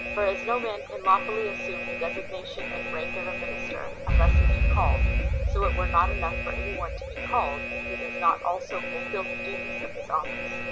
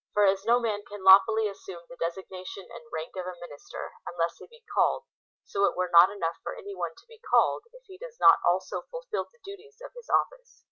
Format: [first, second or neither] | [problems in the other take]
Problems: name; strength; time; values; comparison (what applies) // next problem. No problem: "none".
second | background sound (Alarm); 3 dB above the speech